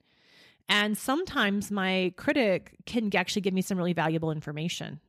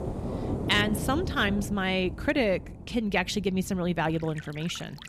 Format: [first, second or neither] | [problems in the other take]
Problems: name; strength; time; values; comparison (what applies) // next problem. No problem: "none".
first | rain or running water; loud; throughout; 9 dB below the speech